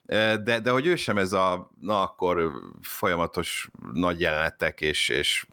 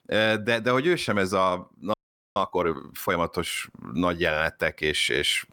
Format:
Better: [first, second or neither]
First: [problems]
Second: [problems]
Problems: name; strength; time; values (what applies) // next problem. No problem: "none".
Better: first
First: none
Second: audio freezing; at 2 s